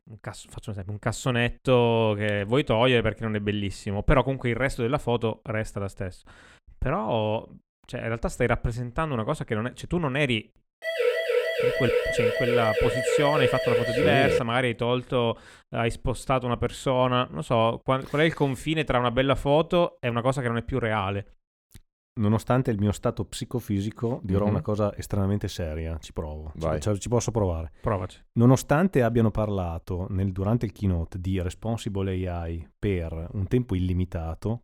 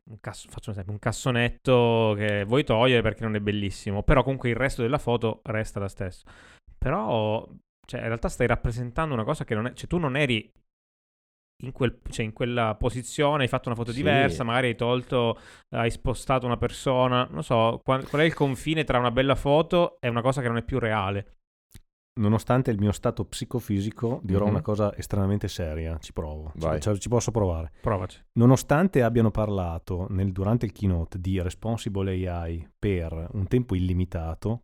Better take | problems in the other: second | siren; loud; from 11 to 14 s; peak 2 dB above the speech

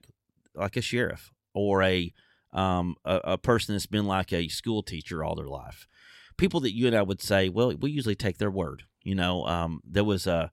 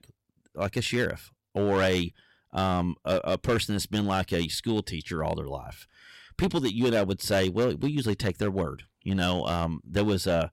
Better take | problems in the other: first | distortion; slight; 6% of the sound clipped

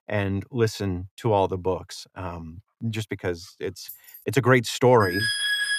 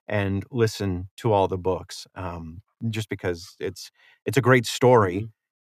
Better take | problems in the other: second | jangling keys; faint; at 4 s; peak 15 dB below the speech // alarm; loud; at 5 s; peak 2 dB above the speech

